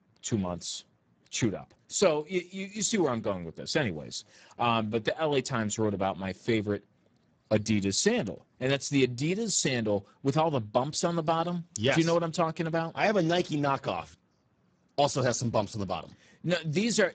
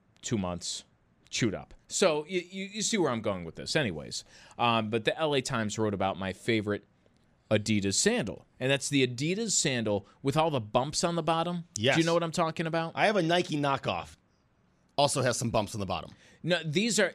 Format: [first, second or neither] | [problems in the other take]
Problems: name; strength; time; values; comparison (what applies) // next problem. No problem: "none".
second | garbled, watery; badly; nothing above 7.5 kHz